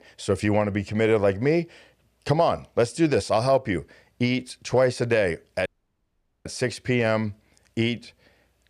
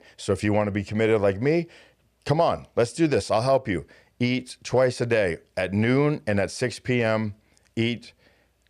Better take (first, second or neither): second